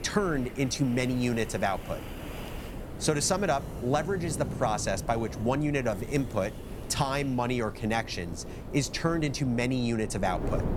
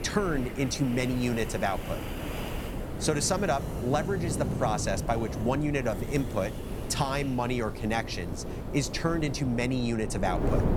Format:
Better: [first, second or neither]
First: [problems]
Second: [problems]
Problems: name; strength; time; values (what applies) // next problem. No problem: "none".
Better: first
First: wind noise on the microphone; occasional gusts; 15 dB below the speech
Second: wind noise on the microphone; heavy; 9 dB below the speech